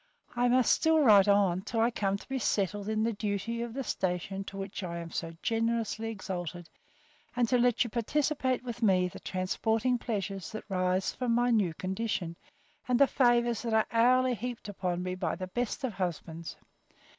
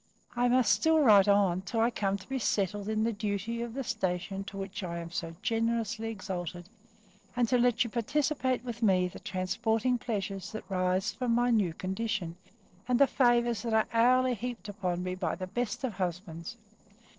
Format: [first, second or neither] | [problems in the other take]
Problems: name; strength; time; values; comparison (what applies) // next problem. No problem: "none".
first | noise reduction (neural separator model SepFormer DNS4)